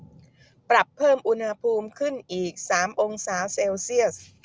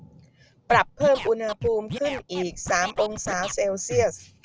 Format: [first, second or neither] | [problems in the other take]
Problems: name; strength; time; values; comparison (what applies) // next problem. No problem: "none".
first | background sound (Scratching (performance technique)); 11 dB below the speech